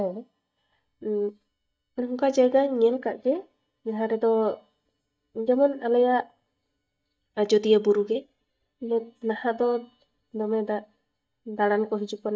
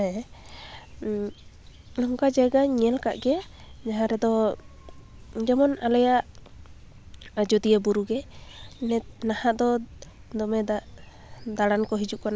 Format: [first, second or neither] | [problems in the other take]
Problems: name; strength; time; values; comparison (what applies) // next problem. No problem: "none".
second | noise reduction (neural mask model DeepFilterNet 3)